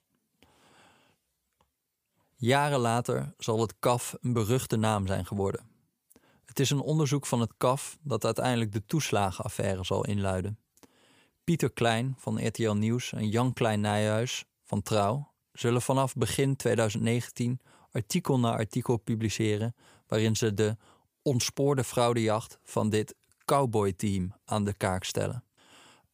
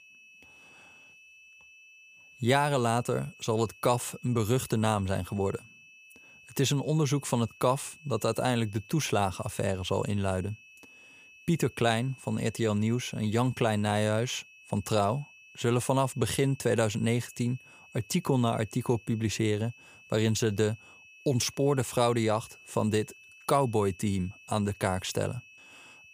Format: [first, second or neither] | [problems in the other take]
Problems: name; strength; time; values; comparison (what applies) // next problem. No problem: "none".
first | high-pitched whine; faint; throughout; 2.5 kHz, 25 dB below the speech